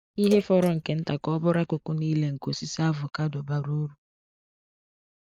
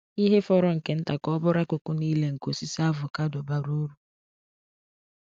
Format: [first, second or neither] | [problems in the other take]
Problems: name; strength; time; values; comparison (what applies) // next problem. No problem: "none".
second | noise reduction (neural mask model Resemble Enhance denoiser)